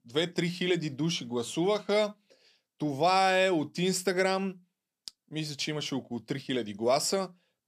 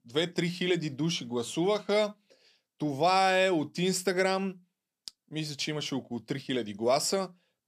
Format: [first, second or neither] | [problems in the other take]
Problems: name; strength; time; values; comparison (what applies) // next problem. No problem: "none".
neither | none